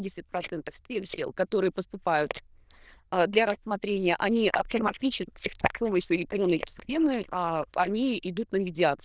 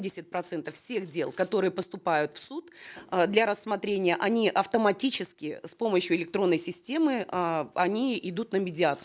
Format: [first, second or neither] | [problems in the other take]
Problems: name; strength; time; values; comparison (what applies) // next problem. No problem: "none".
second | noise reduction (neural diffusion model UNIVERSE++)